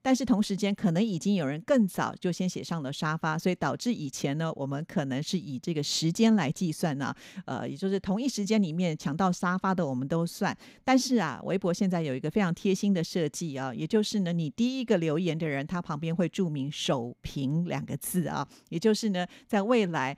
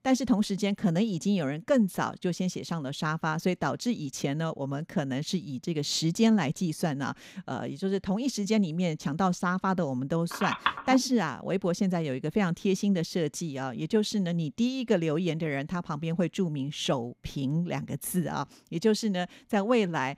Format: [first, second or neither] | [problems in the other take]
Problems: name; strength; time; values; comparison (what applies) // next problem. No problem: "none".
first | phone ringing; noticeable; at 10 s; peak level with the speech